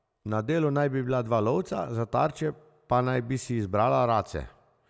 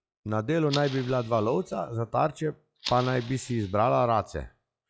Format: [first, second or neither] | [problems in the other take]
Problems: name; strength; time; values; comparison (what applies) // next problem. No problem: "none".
first | noise reduction (classical method log-MMSE)